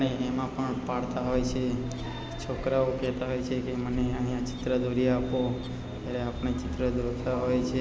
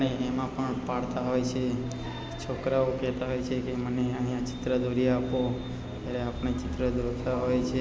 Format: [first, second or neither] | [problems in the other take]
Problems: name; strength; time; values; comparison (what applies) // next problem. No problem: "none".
second | background sound (Bird); 14 dB below the speech